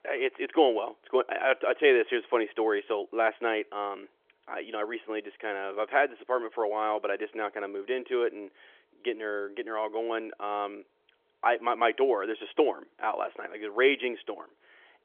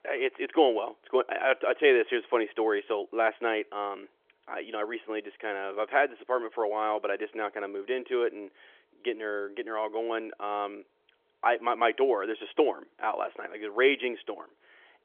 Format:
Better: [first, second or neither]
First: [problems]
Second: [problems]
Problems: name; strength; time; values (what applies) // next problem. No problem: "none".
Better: neither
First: phone-call audio; nothing above 3.5 kHz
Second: phone-call audio; nothing above 3.5 kHz